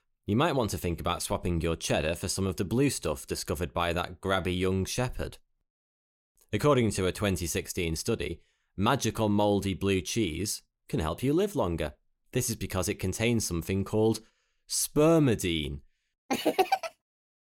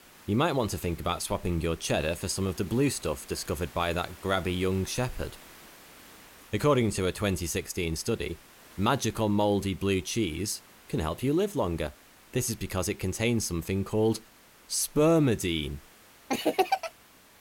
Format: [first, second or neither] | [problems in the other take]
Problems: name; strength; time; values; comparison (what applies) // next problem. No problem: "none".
first | hiss; faint; throughout; 20 dB below the speech